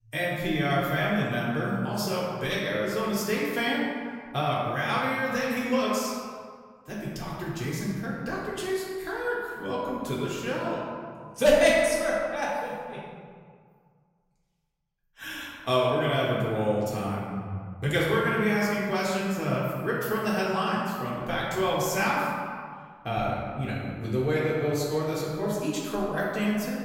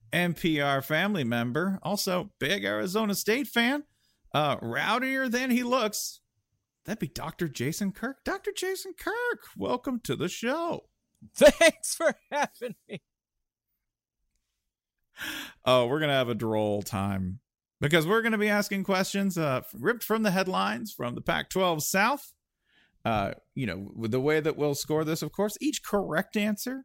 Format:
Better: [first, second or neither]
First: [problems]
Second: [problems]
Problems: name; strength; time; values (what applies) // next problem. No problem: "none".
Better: second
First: room echo; noticeable; dies away in 1.9 s // off-mic speech; far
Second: none